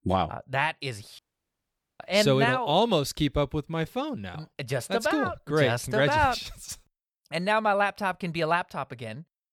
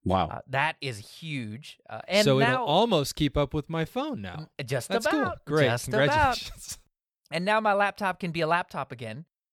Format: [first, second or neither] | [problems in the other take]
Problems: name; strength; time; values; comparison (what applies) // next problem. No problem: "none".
second | audio cutting out; at 1 s for 1 s